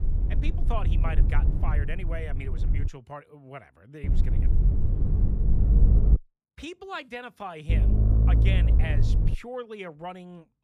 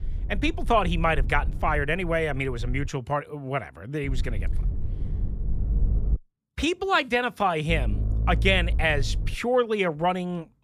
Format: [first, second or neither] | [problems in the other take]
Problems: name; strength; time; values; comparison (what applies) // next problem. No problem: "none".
second | low rumble; loud; until 3 s, from 4 to 6 s and from 7.5 to 9.5 s; 3 dB below the speech; faint in the second